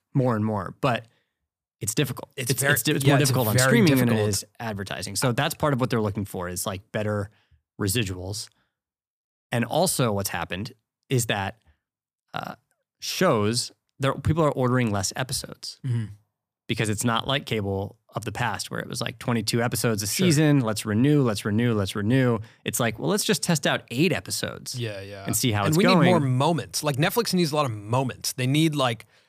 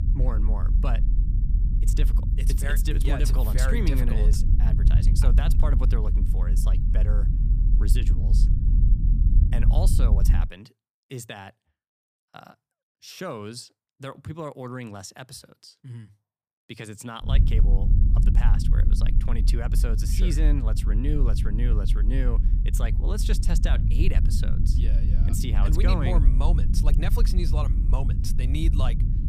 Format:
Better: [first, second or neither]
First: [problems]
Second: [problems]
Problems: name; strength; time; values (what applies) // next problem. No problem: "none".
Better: first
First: none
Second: low rumble; loud; until 10 s and from 17 s on; 5 dB below the speech